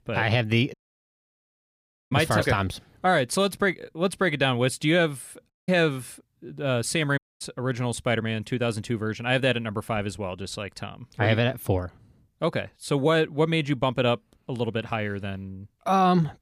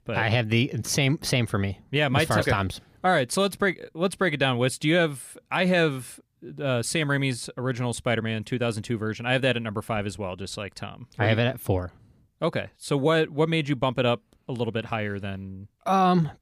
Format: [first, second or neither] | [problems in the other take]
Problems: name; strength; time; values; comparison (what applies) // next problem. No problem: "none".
second | audio cutting out; at 0.5 s for 1.5 s, at 5.5 s and at 7 s